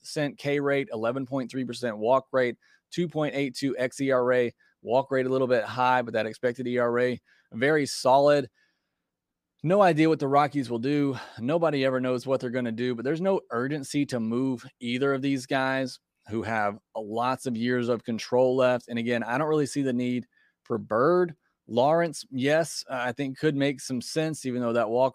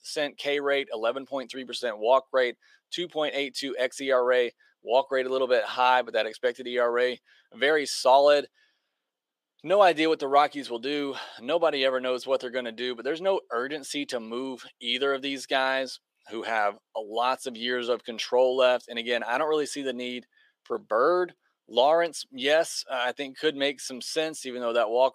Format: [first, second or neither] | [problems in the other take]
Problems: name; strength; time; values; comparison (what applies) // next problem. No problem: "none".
first | thin; somewhat; fading below 500 Hz